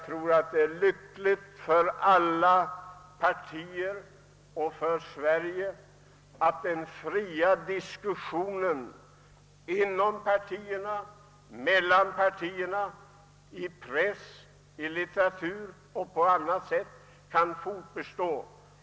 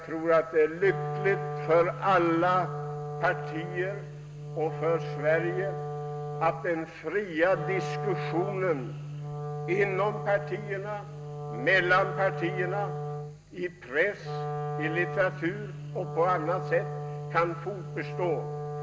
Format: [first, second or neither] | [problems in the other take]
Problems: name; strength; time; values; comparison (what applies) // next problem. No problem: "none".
first | background sound (Wind instrument, woodwind instrument); 6 dB below the speech // room echo; dies away in 0.8 s